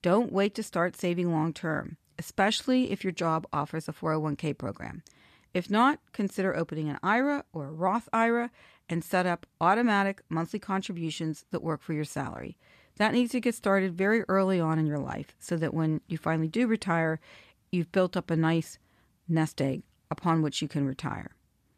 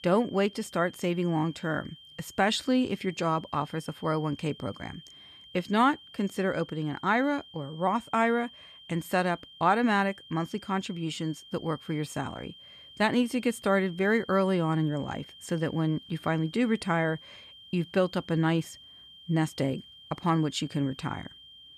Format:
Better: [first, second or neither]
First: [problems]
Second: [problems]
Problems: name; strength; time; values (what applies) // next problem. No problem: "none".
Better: first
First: none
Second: high-pitched whine; noticeable; throughout; 3 kHz, 20 dB below the speech